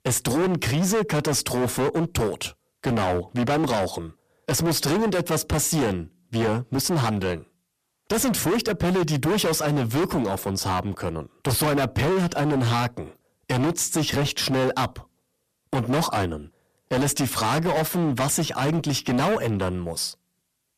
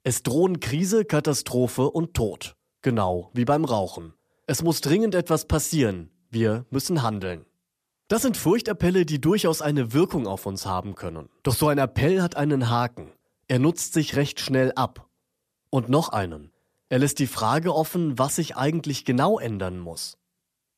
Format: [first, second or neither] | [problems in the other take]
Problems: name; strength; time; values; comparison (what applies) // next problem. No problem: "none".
second | distortion; heavy; 23% of the sound clipped